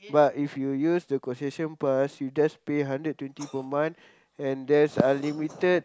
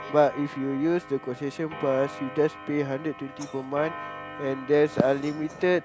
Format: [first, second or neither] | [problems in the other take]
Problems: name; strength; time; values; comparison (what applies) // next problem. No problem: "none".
first | background sound (Clock); 14 dB below the speech